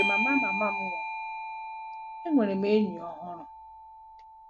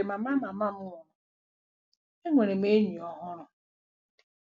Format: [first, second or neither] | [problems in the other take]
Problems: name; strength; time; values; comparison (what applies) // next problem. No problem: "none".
second | background sound (Bell / Doorbell); 2 dB below the speech